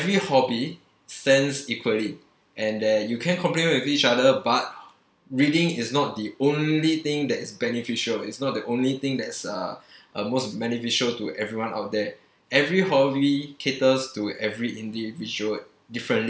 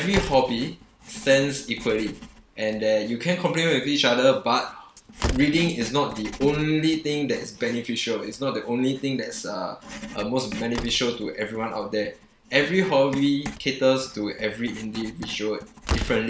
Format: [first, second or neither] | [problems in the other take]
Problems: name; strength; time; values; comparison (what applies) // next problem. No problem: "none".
first | background sound (Writing + Slam); 12 dB below the speech